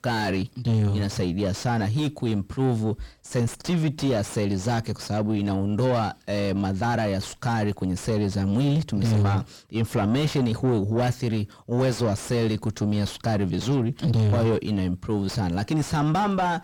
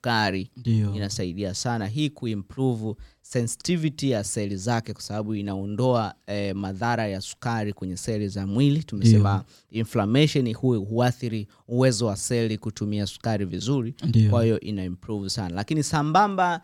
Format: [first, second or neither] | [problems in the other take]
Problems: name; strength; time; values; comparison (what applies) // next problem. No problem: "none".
second | distortion; heavy; 6 dB below the speech